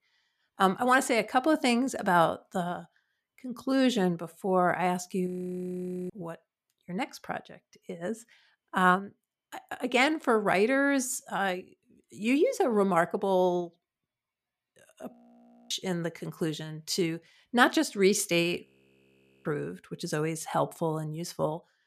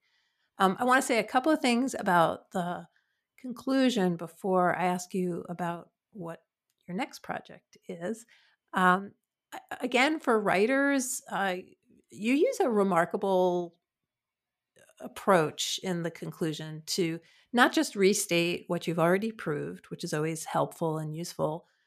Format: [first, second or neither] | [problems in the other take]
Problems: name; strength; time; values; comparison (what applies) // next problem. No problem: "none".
second | audio freezing; at 5.5 s for 1 s, at 15 s for 0.5 s and at 19 s for 1 s